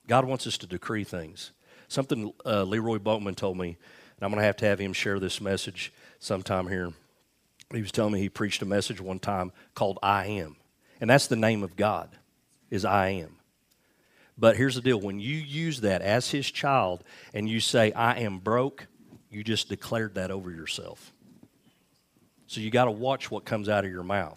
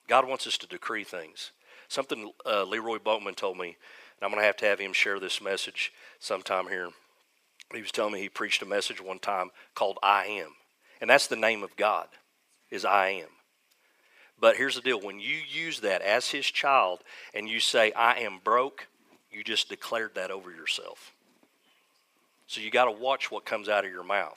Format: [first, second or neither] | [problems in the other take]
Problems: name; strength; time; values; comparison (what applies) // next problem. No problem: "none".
first | thin; very; fading below 500 Hz